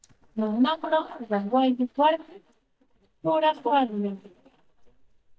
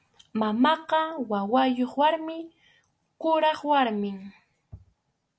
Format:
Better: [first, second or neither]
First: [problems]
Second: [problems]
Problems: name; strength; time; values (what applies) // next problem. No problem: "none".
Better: second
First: noise reduction (neural mask model DeepFilterNet 3)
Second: none